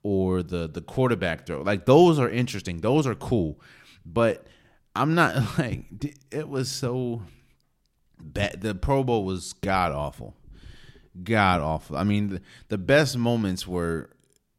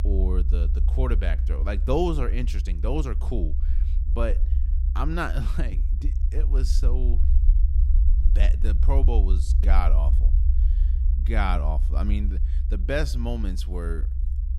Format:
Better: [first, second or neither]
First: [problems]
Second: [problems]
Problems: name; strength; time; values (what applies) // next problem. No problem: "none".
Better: first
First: none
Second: low rumble; noticeable; throughout; 10 dB below the speech